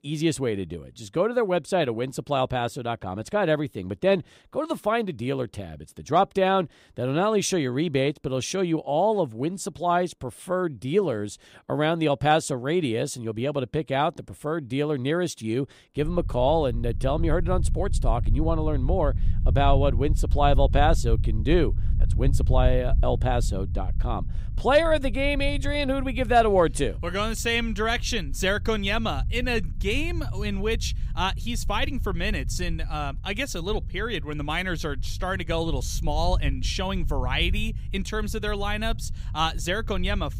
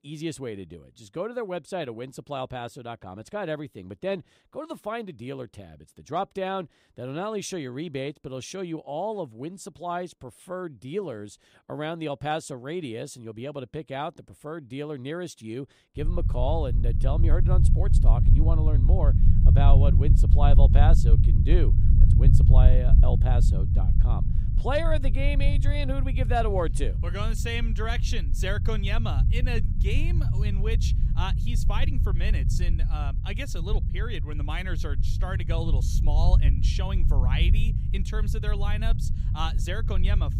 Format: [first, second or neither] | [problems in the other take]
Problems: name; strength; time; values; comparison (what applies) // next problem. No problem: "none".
first | low rumble; loud; from 16 s on; 7 dB below the speech; faint in the first